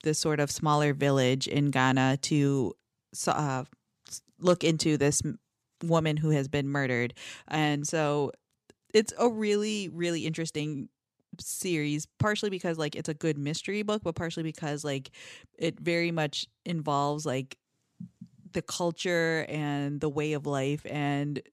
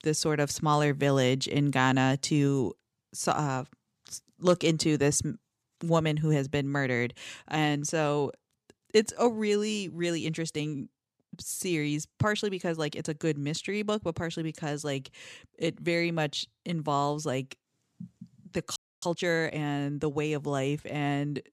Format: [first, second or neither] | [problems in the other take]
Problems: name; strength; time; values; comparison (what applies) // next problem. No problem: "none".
first | audio freezing; at 19 s